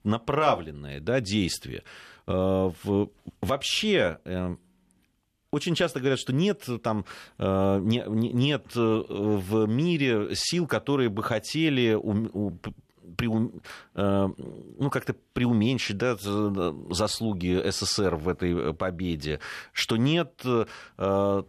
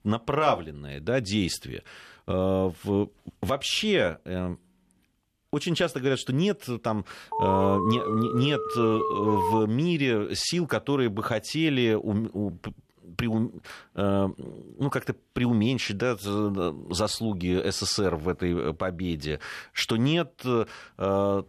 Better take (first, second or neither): first